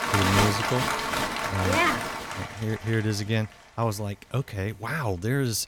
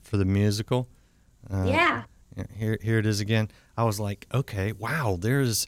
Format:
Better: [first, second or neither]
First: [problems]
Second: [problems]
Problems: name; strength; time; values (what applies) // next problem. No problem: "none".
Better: second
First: crowd noise; very loud; throughout; 1 dB above the speech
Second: none